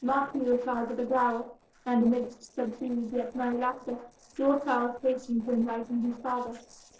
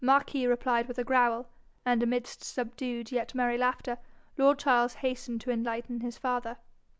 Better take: second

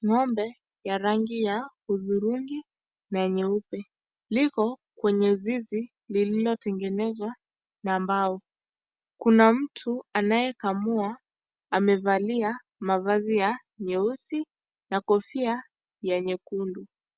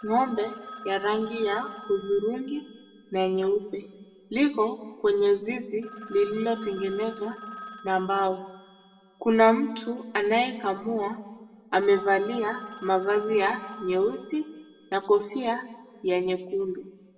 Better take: first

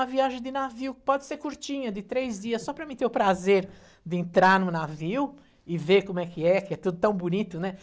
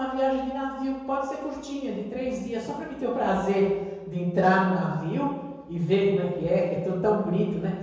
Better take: first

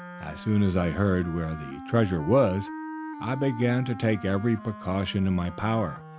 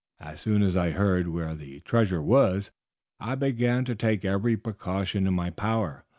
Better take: second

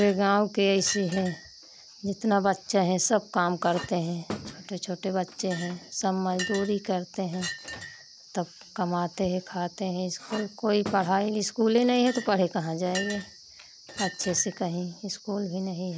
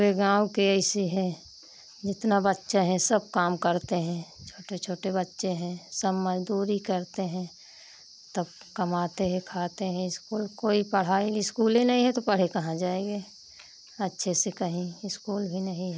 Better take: second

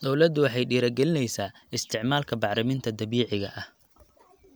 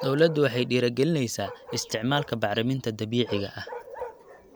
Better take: first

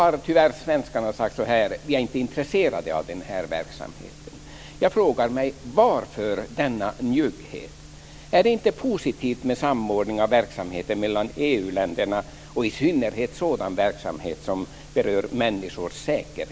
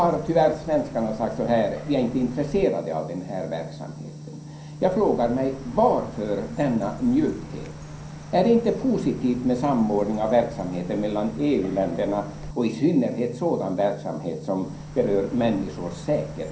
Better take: first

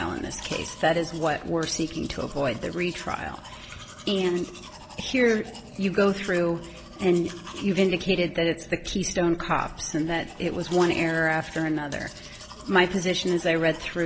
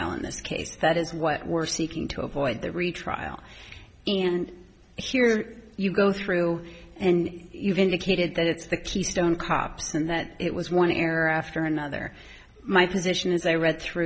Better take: second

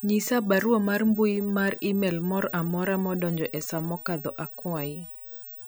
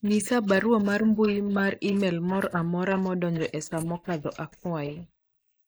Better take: first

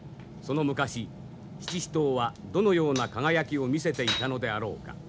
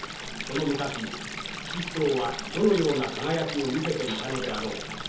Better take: first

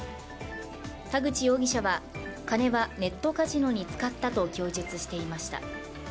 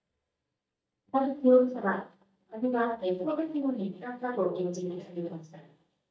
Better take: first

